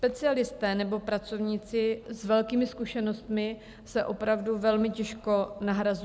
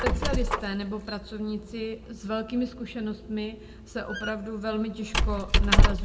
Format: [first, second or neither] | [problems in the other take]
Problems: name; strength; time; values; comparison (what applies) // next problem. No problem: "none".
first | background sound (Squeak); 5 dB above the speech // room echo; dies away in 0.8 s